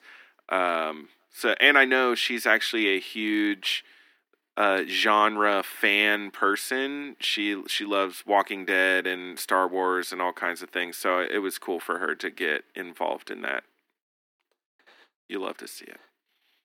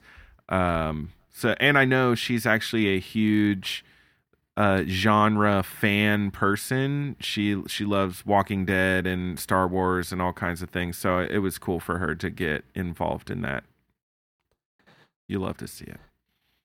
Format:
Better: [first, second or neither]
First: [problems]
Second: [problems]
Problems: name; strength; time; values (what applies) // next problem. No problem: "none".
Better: second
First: thin; somewhat; fading below 300 Hz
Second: none